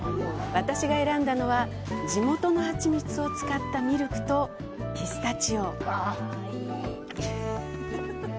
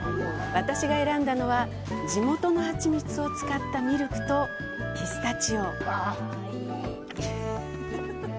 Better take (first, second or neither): first